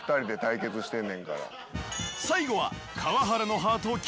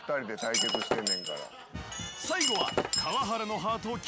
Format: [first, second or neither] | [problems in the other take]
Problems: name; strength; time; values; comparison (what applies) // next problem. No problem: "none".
first | background sound (Shatter); 2 dB above the speech